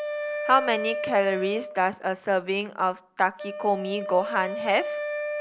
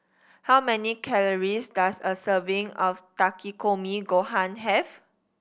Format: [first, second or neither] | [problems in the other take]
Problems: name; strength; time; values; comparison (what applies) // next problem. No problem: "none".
second | background sound (Wind instrument, woodwind instrument); 6 dB below the speech